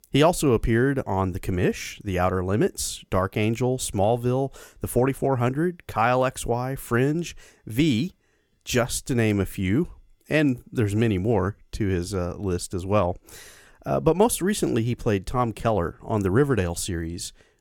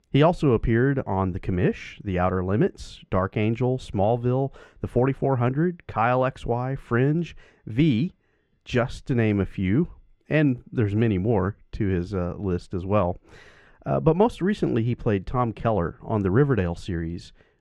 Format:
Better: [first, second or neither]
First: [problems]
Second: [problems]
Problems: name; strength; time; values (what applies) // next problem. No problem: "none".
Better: first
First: none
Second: muffled; slightly; fading above 2.5 kHz